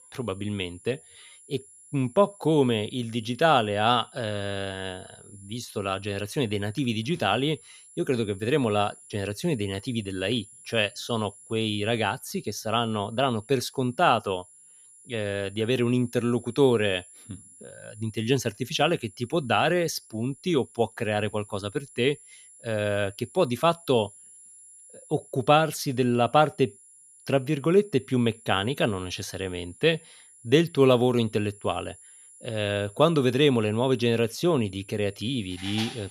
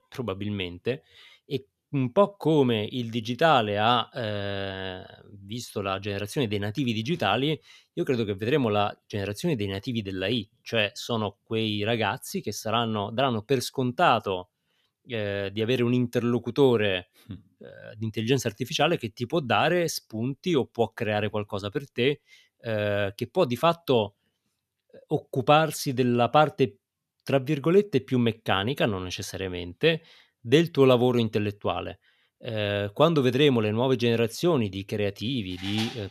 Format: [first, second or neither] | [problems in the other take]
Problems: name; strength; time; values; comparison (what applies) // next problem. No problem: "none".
second | high-pitched whine; faint; throughout; 10.5 kHz, 25 dB below the speech